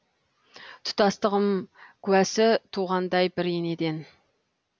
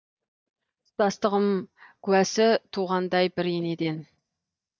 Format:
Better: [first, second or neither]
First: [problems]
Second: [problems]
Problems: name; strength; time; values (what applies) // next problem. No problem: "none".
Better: first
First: none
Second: noise reduction (neural mask model DeepFilterNet 3)